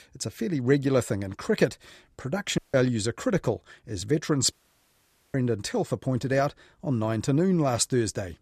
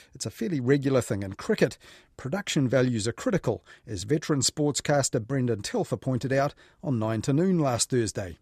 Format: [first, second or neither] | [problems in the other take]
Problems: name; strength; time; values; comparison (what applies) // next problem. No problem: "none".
second | audio cutting out; at 2.5 s and at 4.5 s for 1 s